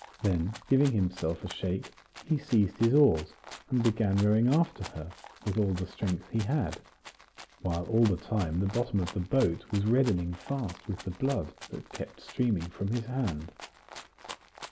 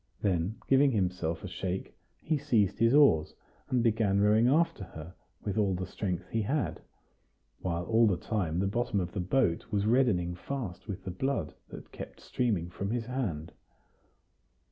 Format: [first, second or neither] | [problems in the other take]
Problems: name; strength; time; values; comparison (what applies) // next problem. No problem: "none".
second | background sound (Rattle (instrument)); 19 dB below the speech